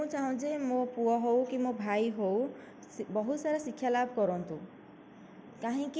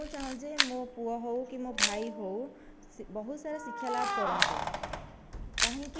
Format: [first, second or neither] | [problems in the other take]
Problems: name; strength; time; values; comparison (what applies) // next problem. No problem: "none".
first | background sound (Camera + Keys jangling); 3 dB above the speech